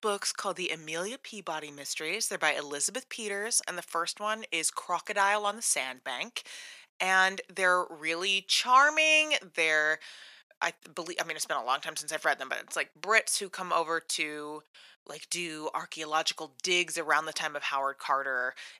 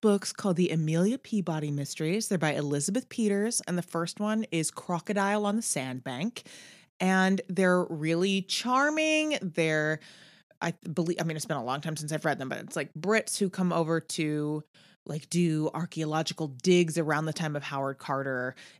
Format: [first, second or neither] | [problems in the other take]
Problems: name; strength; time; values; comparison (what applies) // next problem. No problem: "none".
second | thin; very; fading below 700 Hz